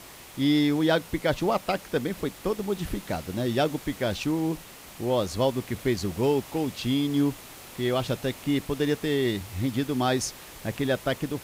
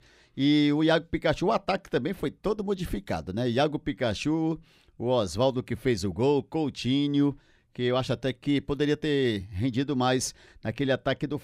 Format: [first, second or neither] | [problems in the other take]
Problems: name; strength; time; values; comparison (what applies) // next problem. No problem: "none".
second | hiss; noticeable; throughout; 15 dB below the speech